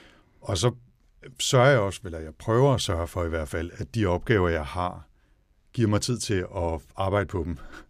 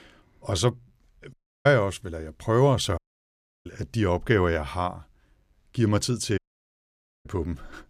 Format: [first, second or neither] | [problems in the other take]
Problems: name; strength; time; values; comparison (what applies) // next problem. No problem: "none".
first | audio cutting out; at 1.5 s, at 3 s for 0.5 s and at 6.5 s for 1 s